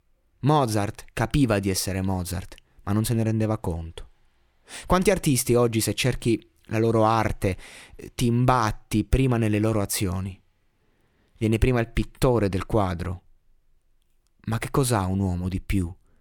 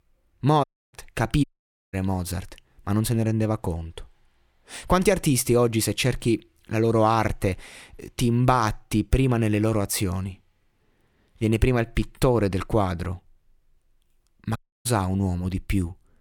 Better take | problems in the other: first | audio cutting out; at 0.5 s, at 1.5 s and at 15 s

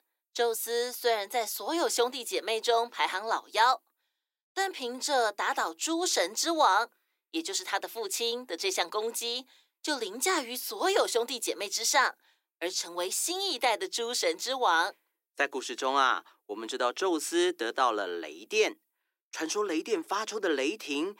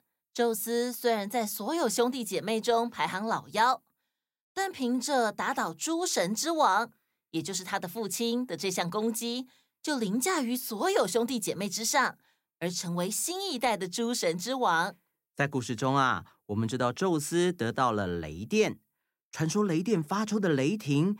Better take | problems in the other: second | thin; very; fading below 300 Hz

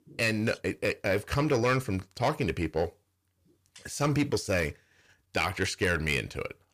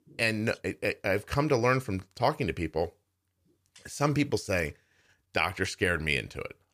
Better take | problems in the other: second | distortion; slight; 10 dB below the speech

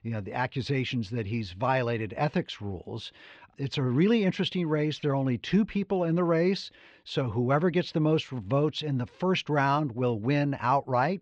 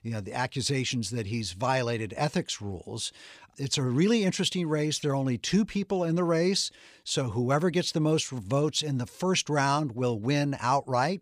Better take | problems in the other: second | muffled; slightly; fading above 3 kHz

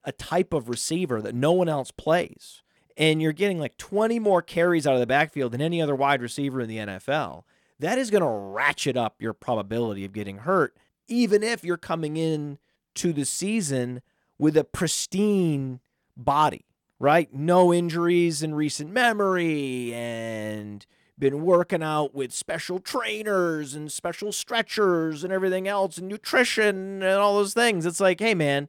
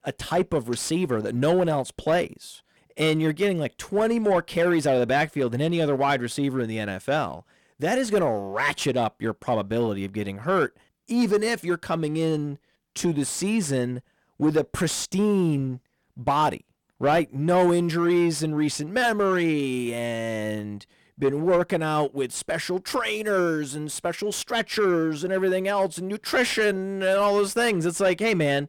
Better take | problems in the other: first | distortion; slight; 10 dB below the speech

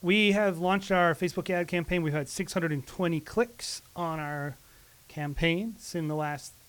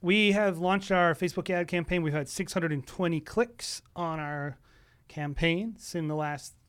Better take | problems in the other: second | hiss; faint; throughout; 25 dB below the speech

